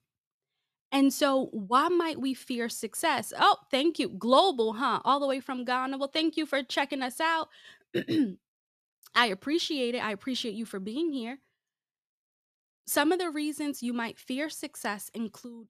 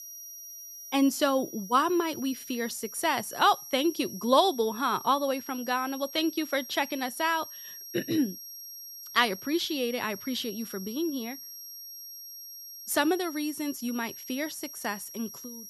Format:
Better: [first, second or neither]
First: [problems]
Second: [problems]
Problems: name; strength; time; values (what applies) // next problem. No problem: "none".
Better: first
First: none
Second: high-pitched whine; noticeable; throughout; 5.5 kHz, 10 dB below the speech